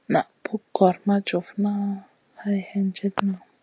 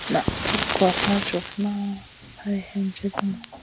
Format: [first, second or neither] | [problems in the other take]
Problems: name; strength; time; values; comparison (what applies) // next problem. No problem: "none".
first | background sound (Fire); 4 dB below the speech